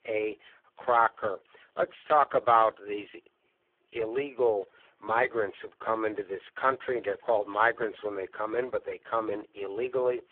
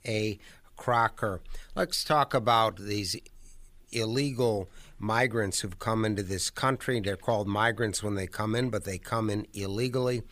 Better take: second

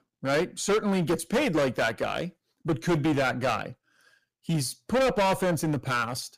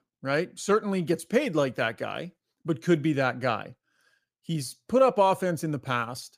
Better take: second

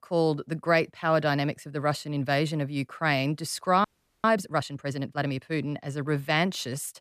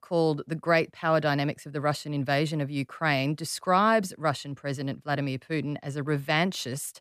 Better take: second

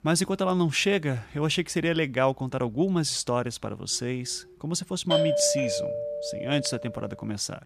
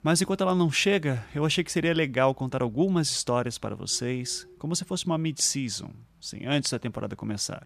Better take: second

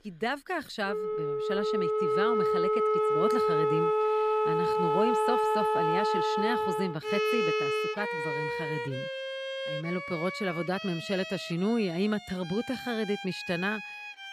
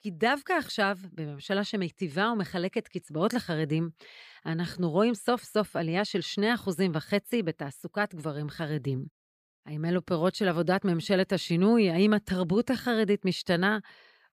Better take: second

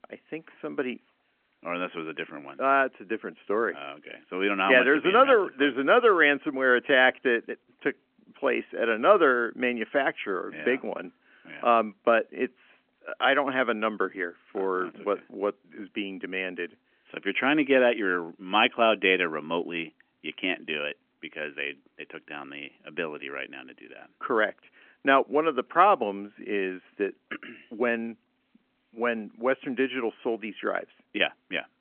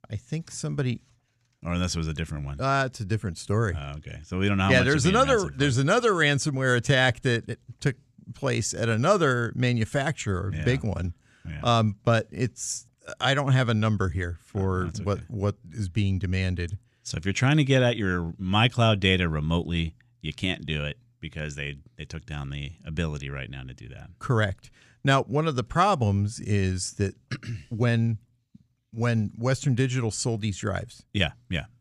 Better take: second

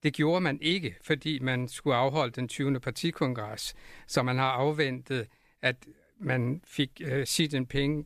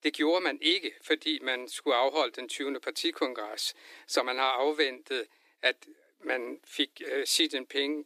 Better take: first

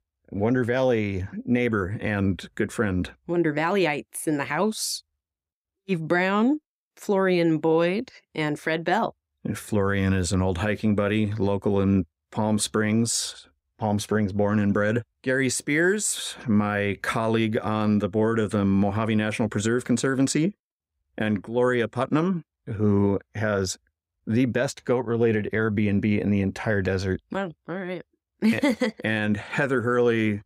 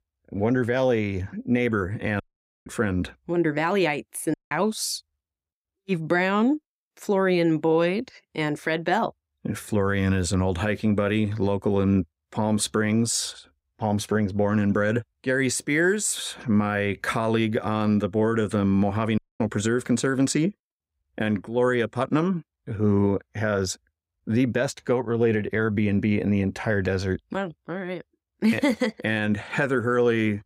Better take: first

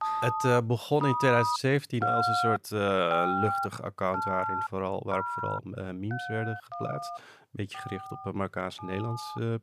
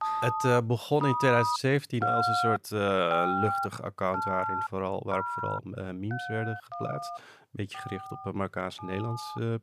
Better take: neither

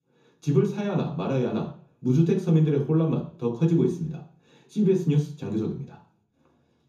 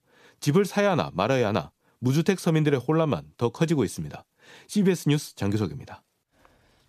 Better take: second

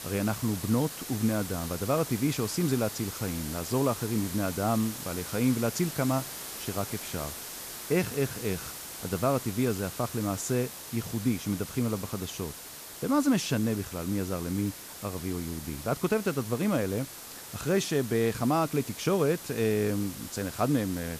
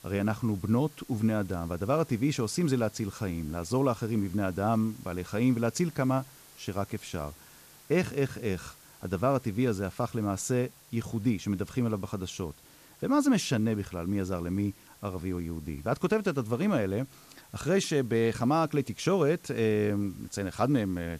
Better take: second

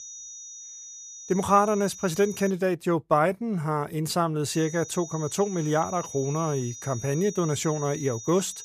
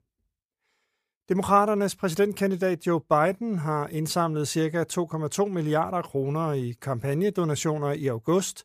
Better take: second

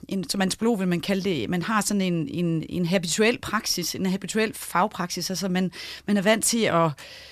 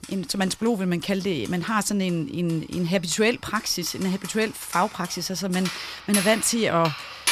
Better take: first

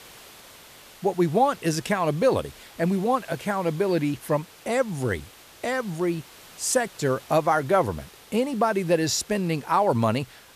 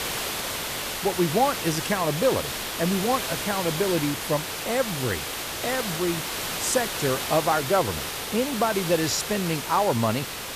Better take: first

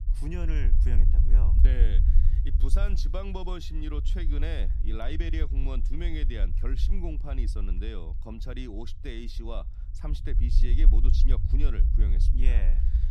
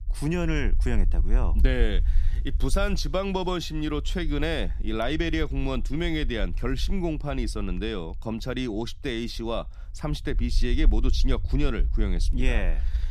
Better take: second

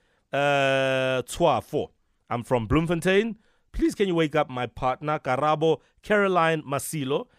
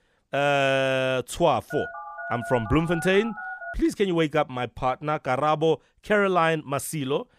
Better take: first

